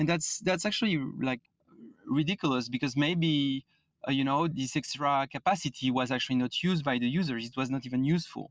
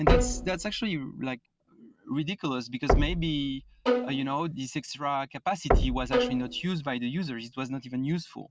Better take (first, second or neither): first